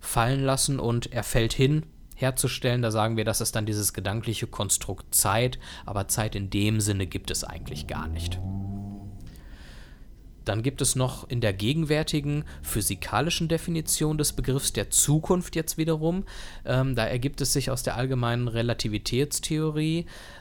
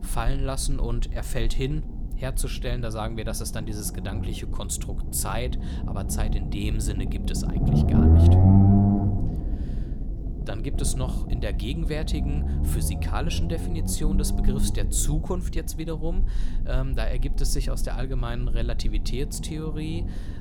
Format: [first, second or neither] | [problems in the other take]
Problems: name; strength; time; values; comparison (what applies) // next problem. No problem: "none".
first | low rumble; loud; throughout; 1 dB below the speech; faint in the first